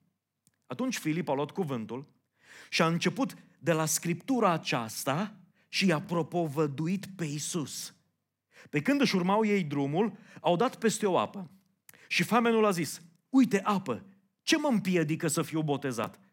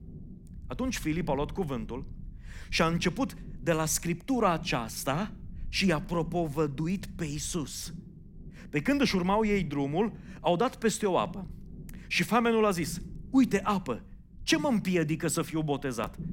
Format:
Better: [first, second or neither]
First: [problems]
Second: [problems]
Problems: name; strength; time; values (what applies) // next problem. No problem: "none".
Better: first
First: none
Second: low rumble; faint; throughout; 25 dB below the speech